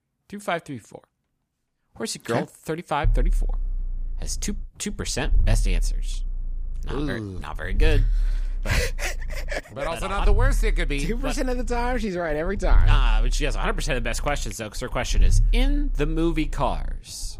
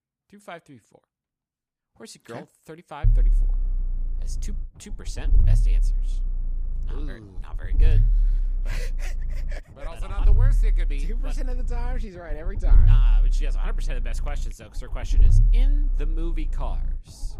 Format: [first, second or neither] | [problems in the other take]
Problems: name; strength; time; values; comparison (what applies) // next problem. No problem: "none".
first | low rumble; loud; from 3 s on; 6 dB below the speech; faint in the first